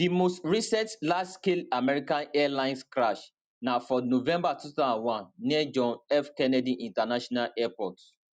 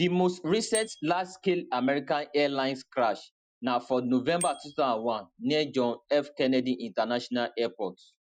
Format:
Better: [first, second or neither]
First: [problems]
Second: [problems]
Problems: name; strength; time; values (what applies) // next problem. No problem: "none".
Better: first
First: none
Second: noise reduction (classical method Wiener filter)